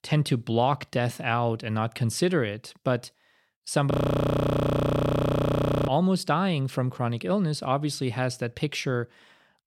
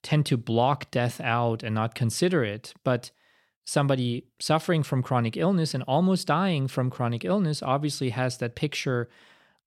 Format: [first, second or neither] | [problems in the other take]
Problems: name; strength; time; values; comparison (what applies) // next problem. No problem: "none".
second | audio freezing; at 4 s for 2 s